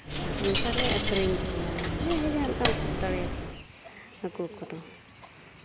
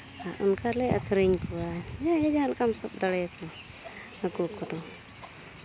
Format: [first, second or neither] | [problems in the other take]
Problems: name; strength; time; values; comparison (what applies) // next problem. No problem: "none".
second | background sound (Coin (dropping)); 3 dB above the speech